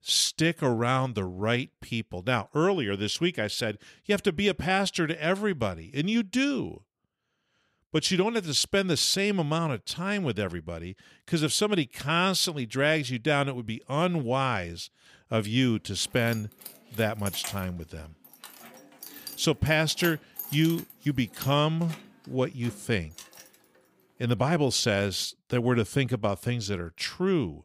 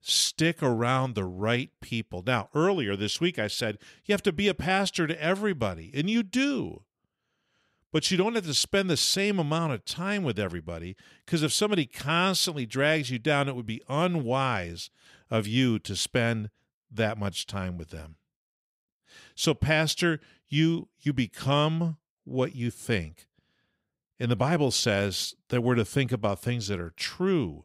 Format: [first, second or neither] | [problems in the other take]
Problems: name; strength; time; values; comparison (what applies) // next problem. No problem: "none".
second | jangling keys; noticeable; from 16 to 23 s; peak 8 dB below the speech